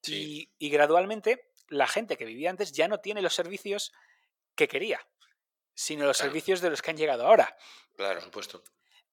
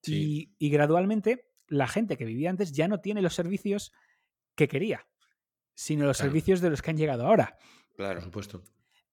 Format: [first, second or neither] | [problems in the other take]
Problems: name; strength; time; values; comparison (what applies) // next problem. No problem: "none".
second | thin; very; fading below 600 Hz